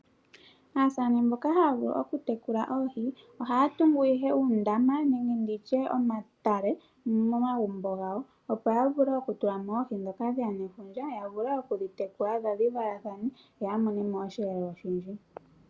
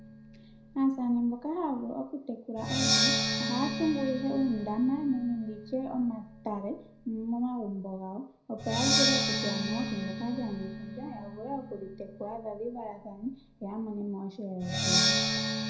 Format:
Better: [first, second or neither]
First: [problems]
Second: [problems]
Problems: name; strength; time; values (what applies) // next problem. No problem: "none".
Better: first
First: none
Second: background sound (Percussion); as loud as the speech // room echo; dies away in 0.5 s